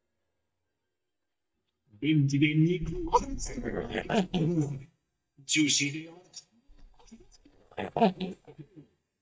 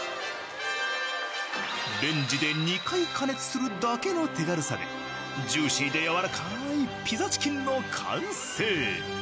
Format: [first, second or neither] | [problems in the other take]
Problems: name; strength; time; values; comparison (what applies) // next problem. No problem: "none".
second | noise reduction (neural mask model DeepFilterNet 3)